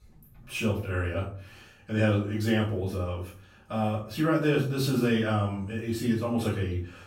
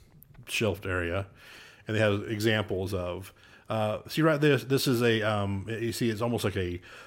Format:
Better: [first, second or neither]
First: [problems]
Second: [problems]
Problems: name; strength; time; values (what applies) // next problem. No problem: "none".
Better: second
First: off-mic speech; far // room echo; noticeable; dies away in 0.4 s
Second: none